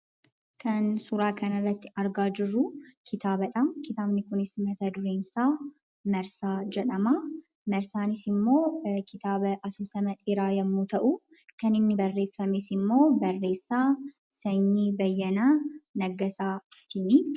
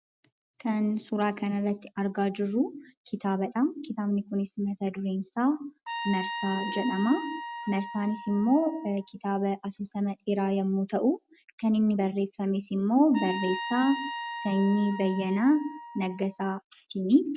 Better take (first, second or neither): first